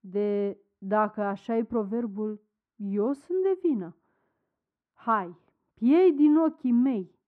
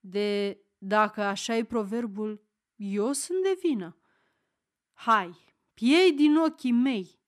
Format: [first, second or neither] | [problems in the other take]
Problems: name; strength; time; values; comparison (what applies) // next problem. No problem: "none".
second | muffled; very; fading above 2.5 kHz